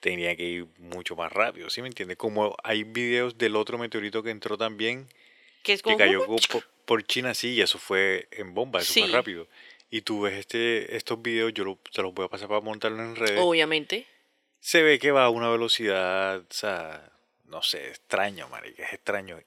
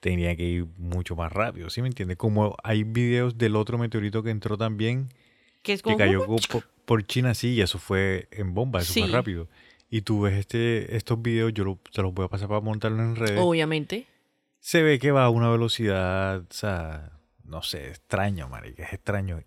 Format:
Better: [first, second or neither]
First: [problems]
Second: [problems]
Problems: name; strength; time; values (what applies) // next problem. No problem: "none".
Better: second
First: thin; somewhat; fading below 400 Hz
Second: none